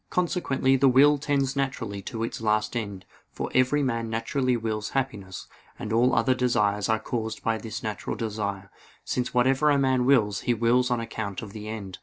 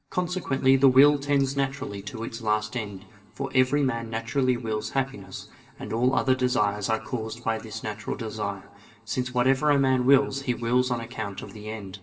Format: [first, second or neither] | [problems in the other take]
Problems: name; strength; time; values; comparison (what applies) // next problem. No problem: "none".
first | room echo; dies away in 1.8 s